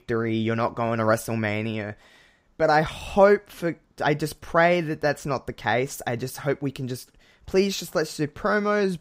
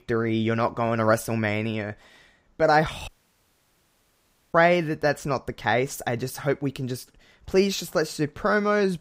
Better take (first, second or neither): first